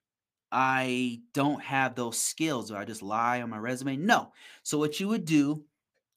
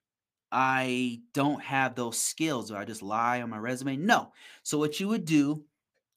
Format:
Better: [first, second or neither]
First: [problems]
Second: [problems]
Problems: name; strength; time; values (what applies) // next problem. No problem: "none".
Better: neither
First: none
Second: none